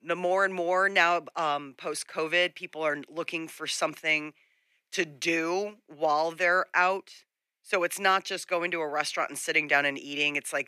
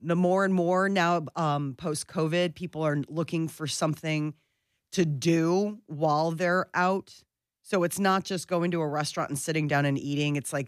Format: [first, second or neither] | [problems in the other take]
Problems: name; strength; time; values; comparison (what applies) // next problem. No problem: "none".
second | thin; very; fading below 500 Hz